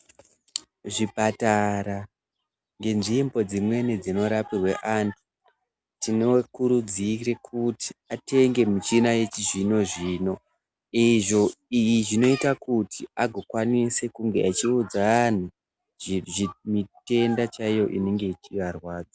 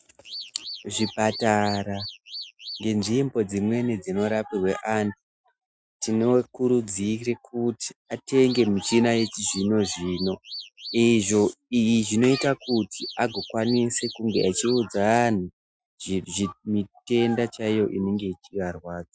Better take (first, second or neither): first